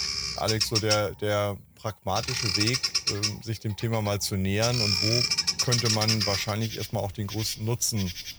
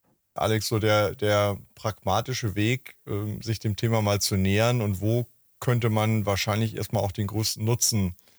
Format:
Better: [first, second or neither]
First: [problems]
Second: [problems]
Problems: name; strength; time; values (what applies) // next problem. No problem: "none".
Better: second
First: animal sounds; very loud; throughout; 3 dB above the speech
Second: none